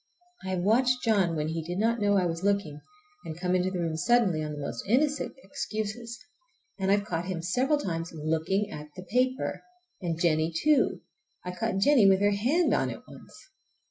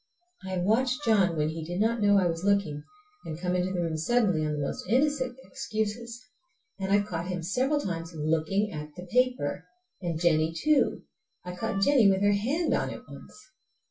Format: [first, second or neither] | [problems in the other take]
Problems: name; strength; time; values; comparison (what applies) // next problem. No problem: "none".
first | background sound (Wind instrument, woodwind instrument); 18 dB below the speech // room echo; dies away in 0.1 s